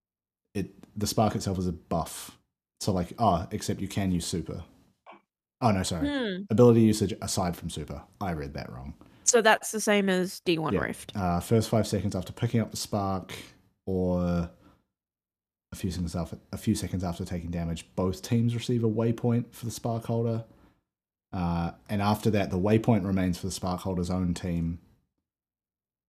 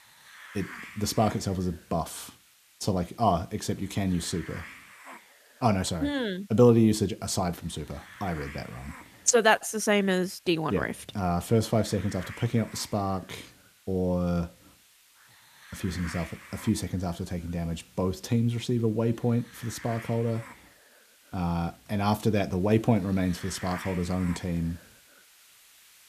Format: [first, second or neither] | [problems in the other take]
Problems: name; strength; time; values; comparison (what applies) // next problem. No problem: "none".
first | hiss; faint; throughout; 20 dB below the speech